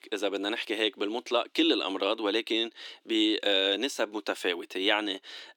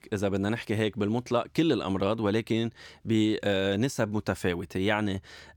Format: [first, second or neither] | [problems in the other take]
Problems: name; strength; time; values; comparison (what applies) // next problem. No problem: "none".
second | thin; somewhat; fading below 300 Hz